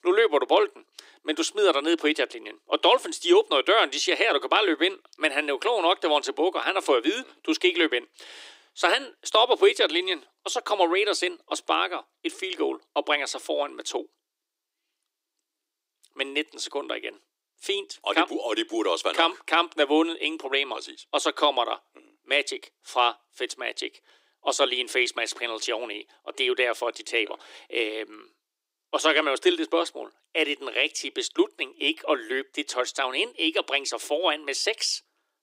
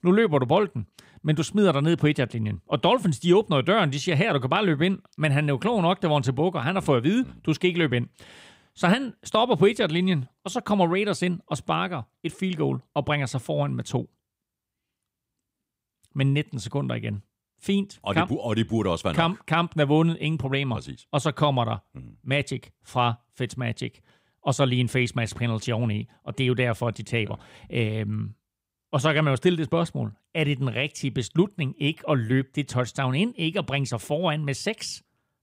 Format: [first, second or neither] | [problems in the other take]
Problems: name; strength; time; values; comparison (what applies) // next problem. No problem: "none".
second | thin; very; fading below 300 Hz